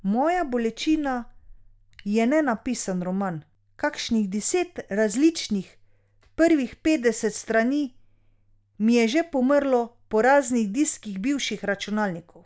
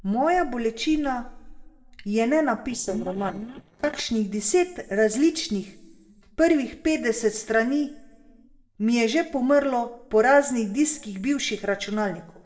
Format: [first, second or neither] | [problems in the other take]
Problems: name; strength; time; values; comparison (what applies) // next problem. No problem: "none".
first | noise reduction (neural separator model SepFormer DNS4)